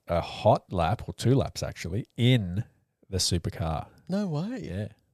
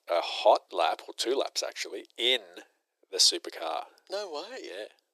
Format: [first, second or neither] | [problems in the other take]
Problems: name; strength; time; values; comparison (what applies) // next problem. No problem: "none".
first | thin; very; fading below 350 Hz